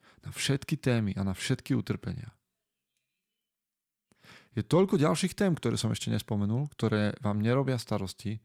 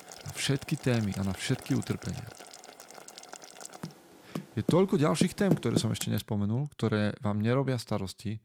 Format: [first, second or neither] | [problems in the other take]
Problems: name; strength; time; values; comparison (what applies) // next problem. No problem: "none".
first | household noises; loud; until 6 s; 9 dB below the speech